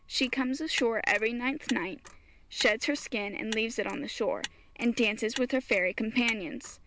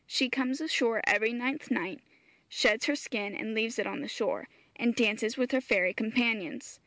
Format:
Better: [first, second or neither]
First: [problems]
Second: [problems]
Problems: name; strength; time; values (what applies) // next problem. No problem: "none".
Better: second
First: background sound (Motor vehicle (road)); 15 dB below the speech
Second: none